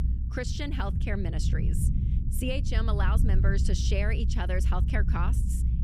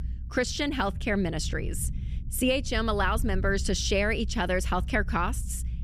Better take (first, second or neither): second